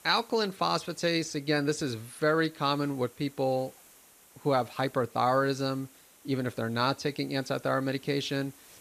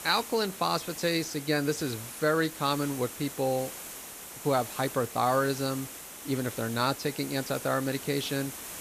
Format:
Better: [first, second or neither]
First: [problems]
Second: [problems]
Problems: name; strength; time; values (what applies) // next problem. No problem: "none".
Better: first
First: hiss; faint; throughout; 25 dB below the speech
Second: hiss; loud; throughout; 10 dB below the speech